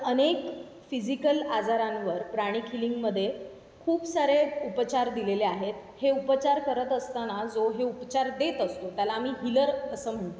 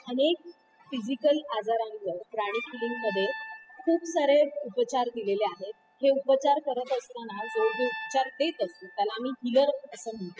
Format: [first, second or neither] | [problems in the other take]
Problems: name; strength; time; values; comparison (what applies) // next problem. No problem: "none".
first | noise reduction (classical method spectral subtraction)